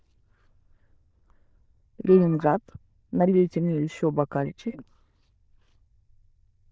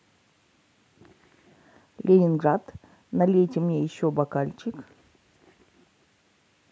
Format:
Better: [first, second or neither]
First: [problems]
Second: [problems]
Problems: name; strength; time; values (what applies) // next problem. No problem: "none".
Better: second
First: noise reduction (neural diffusion model UNIVERSE++)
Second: none